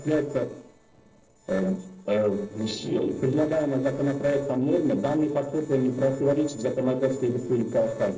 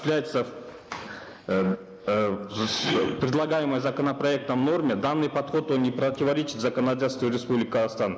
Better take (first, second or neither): second